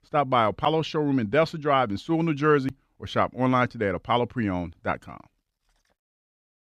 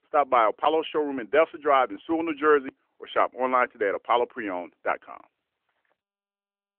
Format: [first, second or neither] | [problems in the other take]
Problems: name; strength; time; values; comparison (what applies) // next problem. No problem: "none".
first | phone-call audio; nothing above 3 kHz